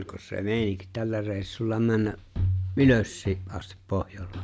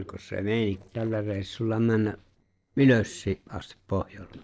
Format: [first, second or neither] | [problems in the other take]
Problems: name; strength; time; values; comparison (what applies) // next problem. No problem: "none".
first | noise reduction (neural separator model SepFormer DNS4)